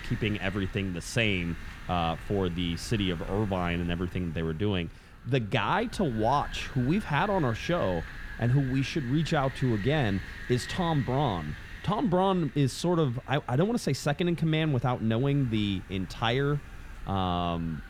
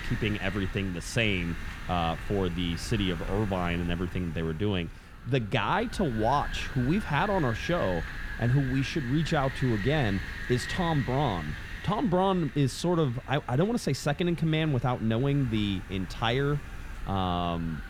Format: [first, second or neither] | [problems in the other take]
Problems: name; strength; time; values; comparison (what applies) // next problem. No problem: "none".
first | wind noise on the microphone; heavy; 10 dB below the speech; occasional gusts in the first